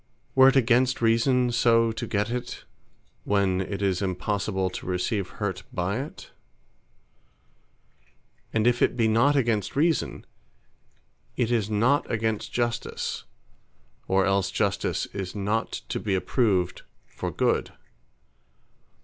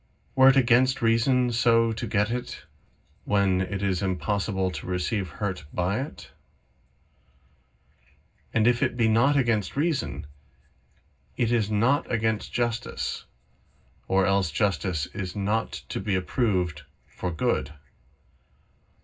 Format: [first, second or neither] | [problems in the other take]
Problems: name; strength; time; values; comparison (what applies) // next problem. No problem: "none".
first | room echo; dies away in 0.4 s